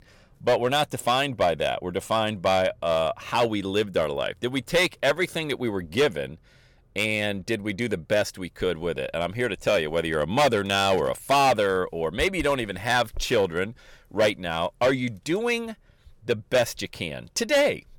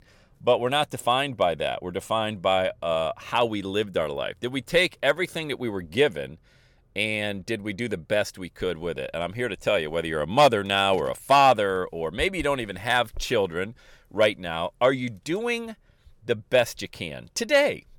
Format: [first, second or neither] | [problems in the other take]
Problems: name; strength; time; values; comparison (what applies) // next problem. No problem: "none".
second | distortion; slight; 4% of the sound clipped